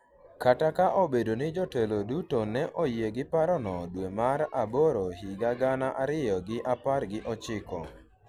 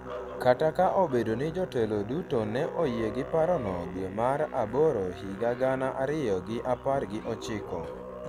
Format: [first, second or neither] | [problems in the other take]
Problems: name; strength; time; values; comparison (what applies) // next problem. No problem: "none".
first | background sound (Musical instrument); 12 dB below the speech